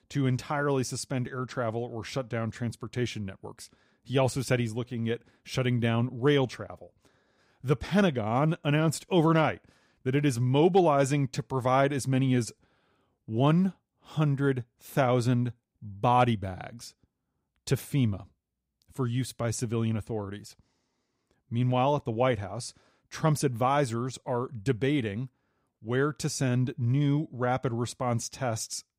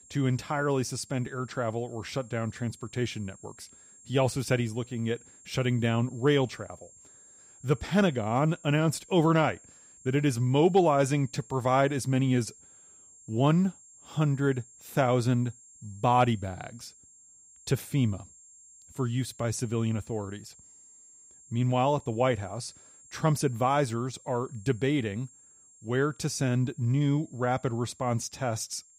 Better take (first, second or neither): first